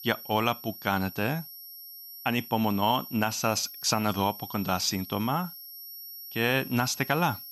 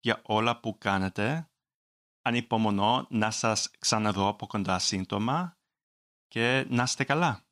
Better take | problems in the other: second | high-pitched whine; noticeable; throughout; 12 kHz, 10 dB below the speech

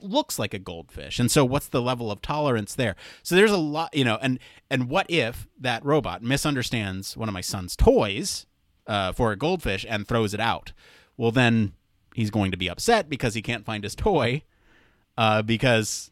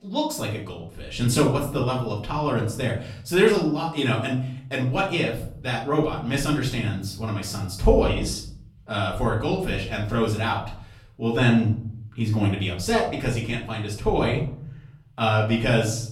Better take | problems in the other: first | off-mic speech; far // room echo; slight; dies away in 0.7 s

